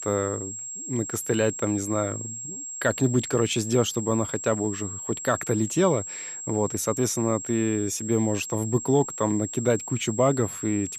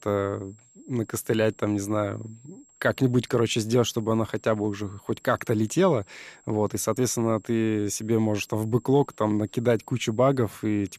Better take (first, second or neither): second